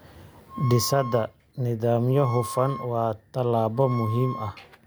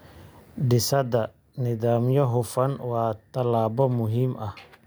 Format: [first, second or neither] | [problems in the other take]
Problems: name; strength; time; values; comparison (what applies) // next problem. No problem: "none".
second | background sound (Wind instrument, woodwind instrument); 13 dB below the speech